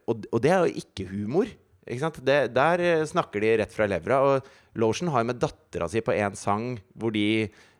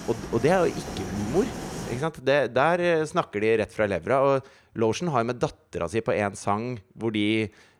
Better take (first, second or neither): first